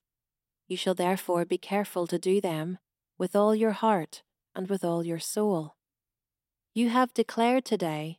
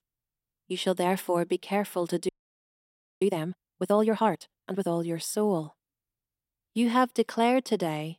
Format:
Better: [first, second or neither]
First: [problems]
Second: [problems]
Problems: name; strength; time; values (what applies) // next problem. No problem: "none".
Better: first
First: none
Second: audio freezing; at 2.5 s for 1 s